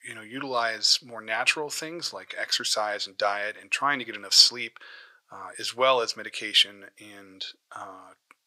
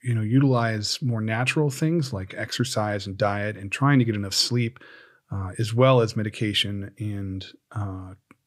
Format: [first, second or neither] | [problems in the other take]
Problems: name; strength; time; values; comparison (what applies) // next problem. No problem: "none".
second | thin; very; fading below 750 Hz